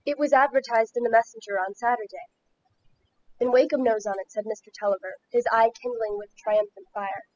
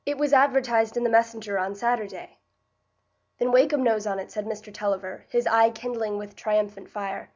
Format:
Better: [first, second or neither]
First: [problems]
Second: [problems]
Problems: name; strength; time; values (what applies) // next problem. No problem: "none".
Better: second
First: noise reduction (classical method spectral subtraction)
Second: none